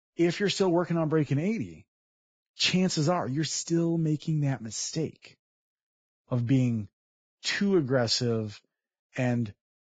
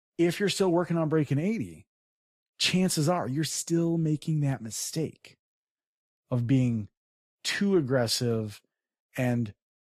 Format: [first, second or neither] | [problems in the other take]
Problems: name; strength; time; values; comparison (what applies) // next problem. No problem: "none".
second | garbled, watery; badly; nothing above 7.5 kHz; slightly in the second